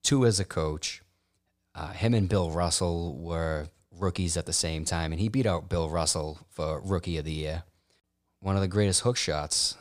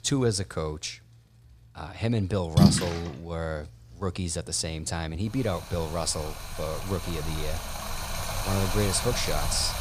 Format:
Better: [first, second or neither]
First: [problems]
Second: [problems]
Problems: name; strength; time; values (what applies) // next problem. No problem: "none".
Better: first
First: none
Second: rain or running water; very loud; throughout; as loud as the speech